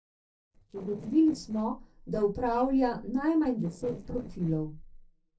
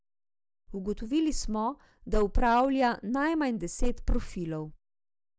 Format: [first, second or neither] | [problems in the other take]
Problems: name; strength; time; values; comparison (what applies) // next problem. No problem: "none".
second | noise reduction (neural separator model SepFormer DNS4)